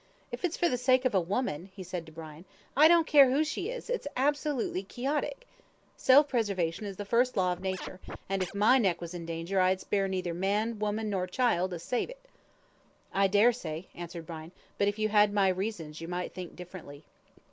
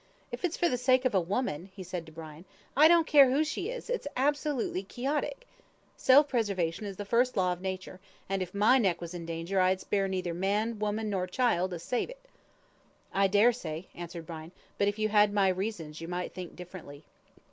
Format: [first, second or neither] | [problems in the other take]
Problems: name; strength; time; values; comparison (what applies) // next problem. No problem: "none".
second | background sound (Scratching (performance technique)); 12 dB below the speech